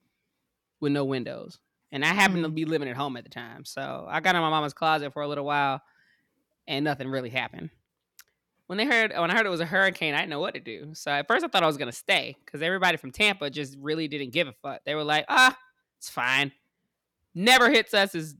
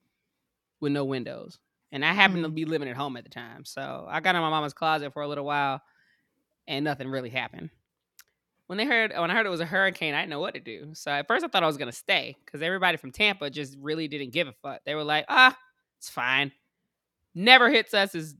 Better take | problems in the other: second | distortion; slight; 0.7% of the sound clipped

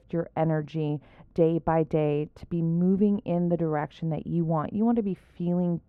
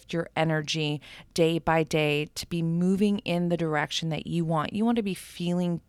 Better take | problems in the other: second | muffled; very; fading above 2 kHz

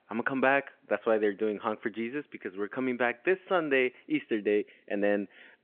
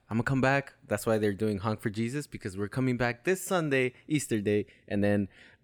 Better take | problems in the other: second | phone-call audio

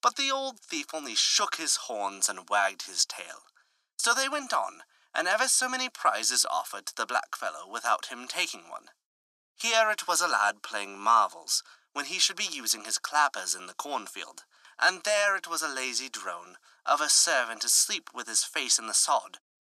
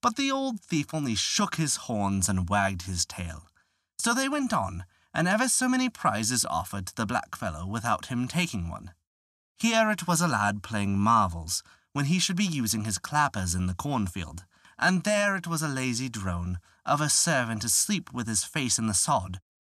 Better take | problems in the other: second | thin; very; fading below 350 Hz

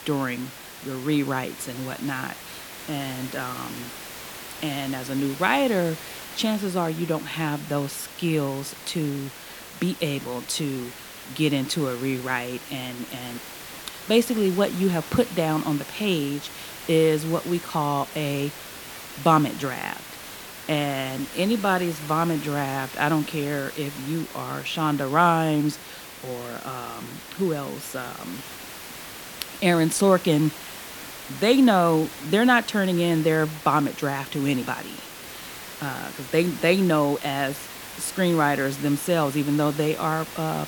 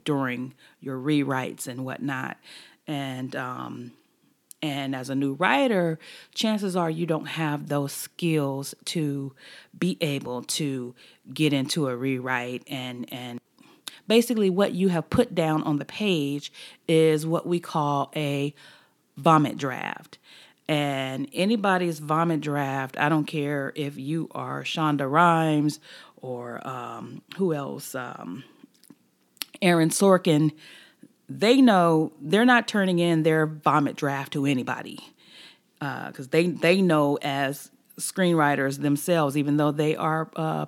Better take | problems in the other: second | hiss; noticeable; throughout; 15 dB below the speech

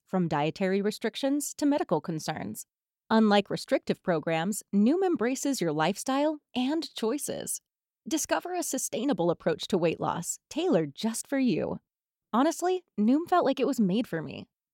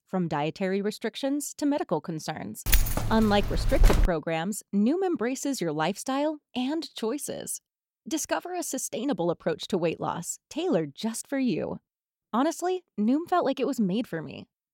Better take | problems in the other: first | jangling keys; loud; from 2.5 to 4 s; peak 4 dB above the speech

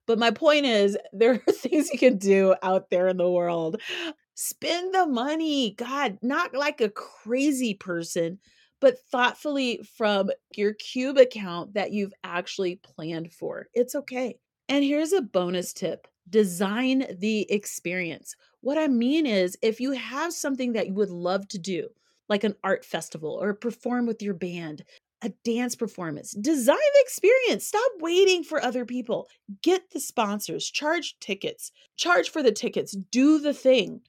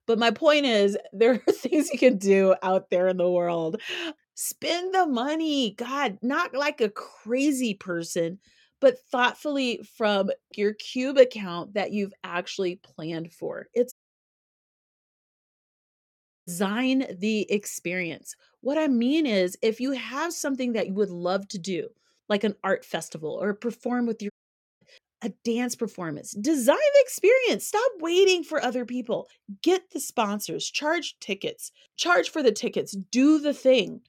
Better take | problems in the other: first | audio cutting out; at 14 s for 2.5 s and at 24 s for 0.5 s

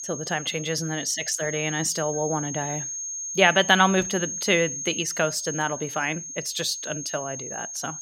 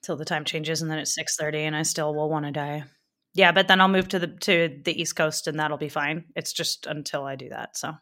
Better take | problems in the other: second | high-pitched whine; loud; throughout; 6.5 kHz, 6 dB below the speech

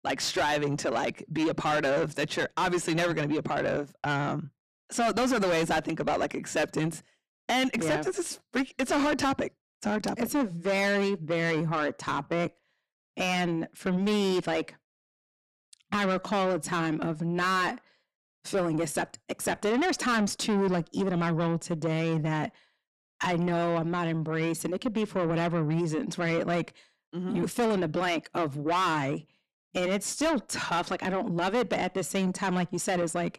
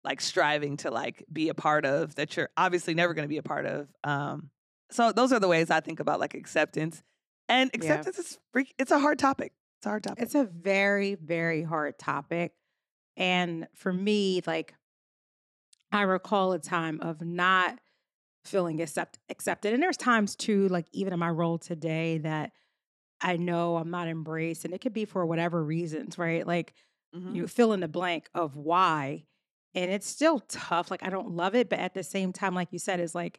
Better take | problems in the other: second | distortion; heavy; 6 dB below the speech

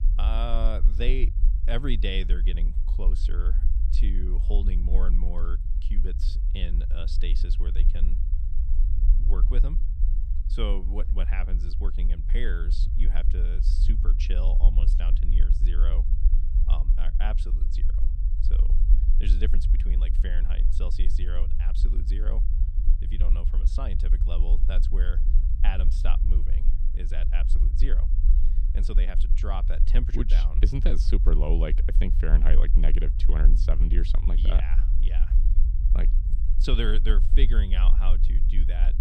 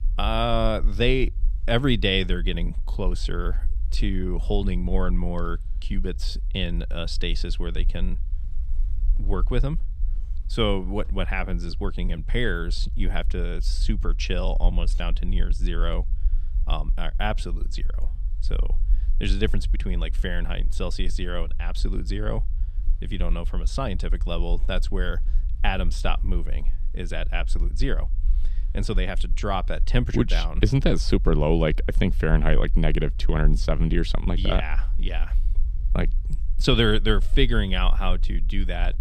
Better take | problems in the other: second | low rumble; loud; throughout; 9 dB below the speech; faint in the second

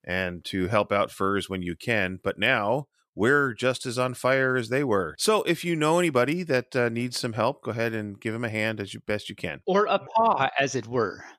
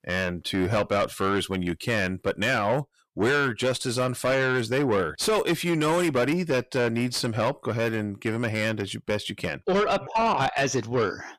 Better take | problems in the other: first | distortion; heavy; 7 dB below the speech

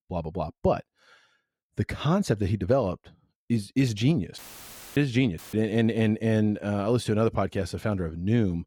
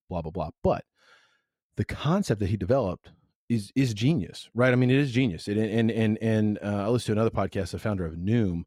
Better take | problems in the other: second | audio cutting out; filled with static; at 4.5 s for 0.5 s and at 5.5 s

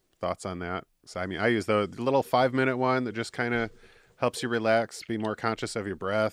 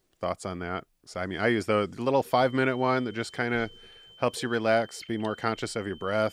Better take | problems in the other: first | high-pitched whine; faint; from 2.5 s on; 3 kHz, 20 dB below the speech

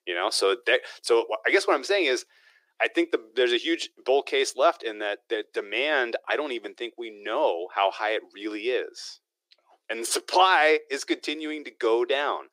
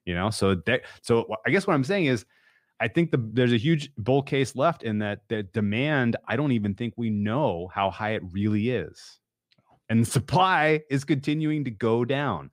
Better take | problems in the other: second | thin; very; fading below 350 Hz

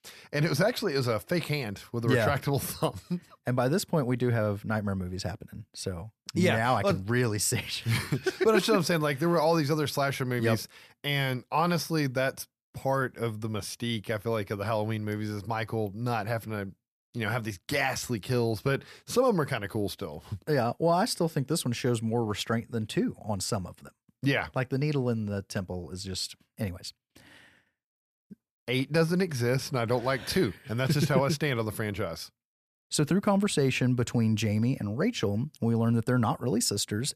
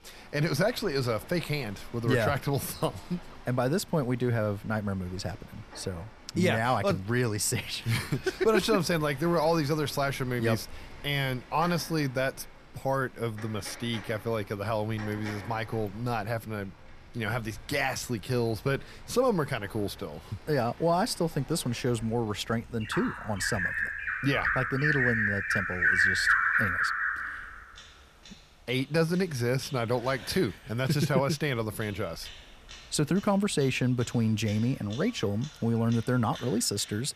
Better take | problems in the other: first | animal sounds; very loud; throughout; as loud as the speech

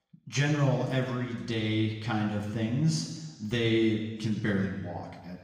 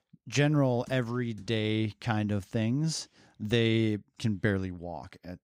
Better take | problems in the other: second | room echo; noticeable; dies away in 1.2 s // off-mic speech; far

